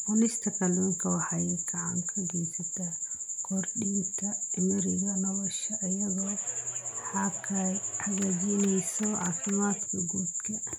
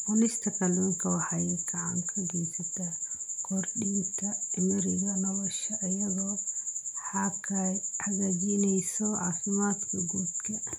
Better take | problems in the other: second | background sound (Clapping); 18 dB below the speech

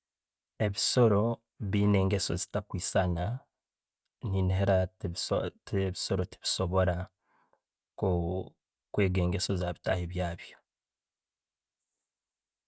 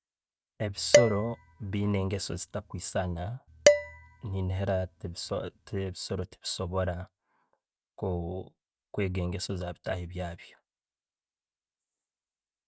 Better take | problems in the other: first | background sound (Dishes, pots, and pans); 4 dB above the speech

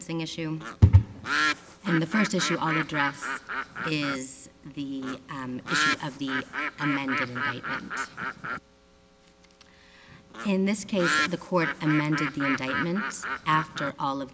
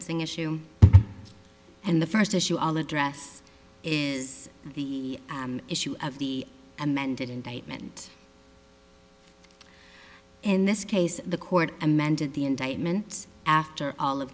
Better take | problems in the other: second | background sound (Bird); 3 dB below the speech

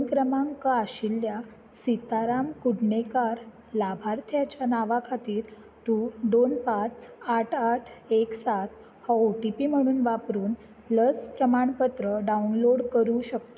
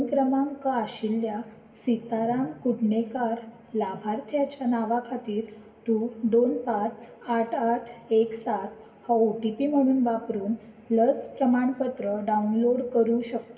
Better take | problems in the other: first | room echo; dies away in 0.8 s

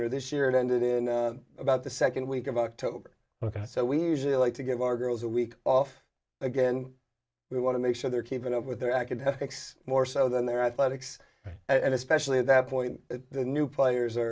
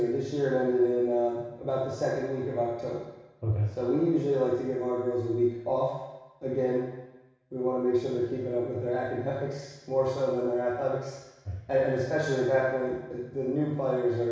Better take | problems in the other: first | room echo; dies away in 1.1 s

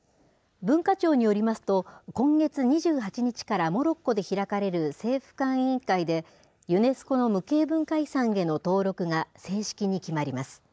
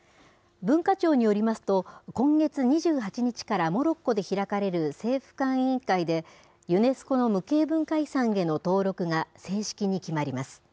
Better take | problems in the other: second | noise reduction (neural mask model Resemble Enhance denoiser)

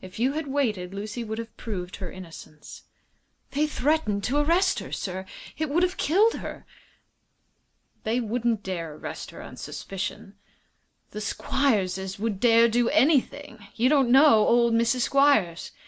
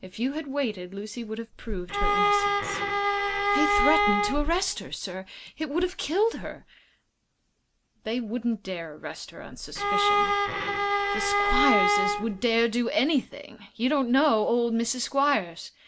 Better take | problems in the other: first | background sound (Bowed string instrument); 3 dB above the speech

